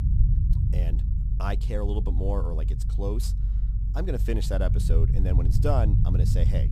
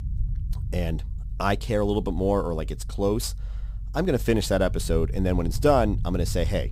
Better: second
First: low rumble; loud; throughout; 7 dB below the speech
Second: low rumble; faint; throughout; 25 dB below the speech

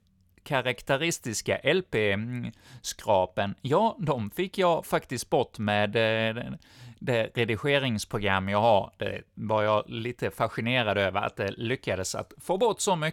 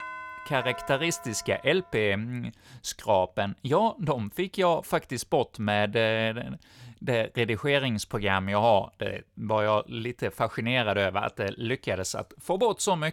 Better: first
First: none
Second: doorbell; faint; until 2 s; peak 10 dB below the speech

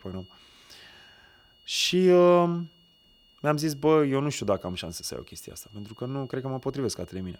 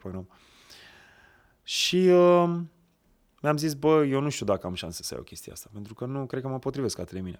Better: second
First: high-pitched whine; faint; throughout; 3 kHz, 30 dB below the speech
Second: none

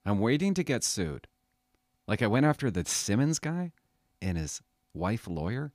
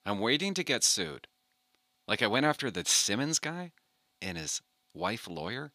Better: first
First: none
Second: thin; somewhat; fading below 600 Hz

